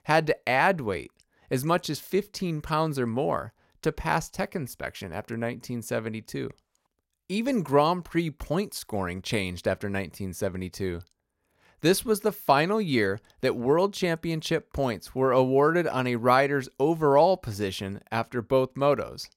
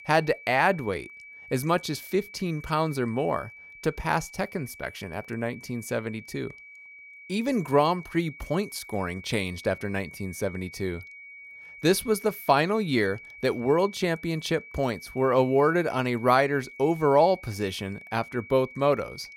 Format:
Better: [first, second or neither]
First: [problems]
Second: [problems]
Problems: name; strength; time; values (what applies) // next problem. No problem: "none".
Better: first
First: none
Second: high-pitched whine; noticeable; throughout; 2.5 kHz, 15 dB below the speech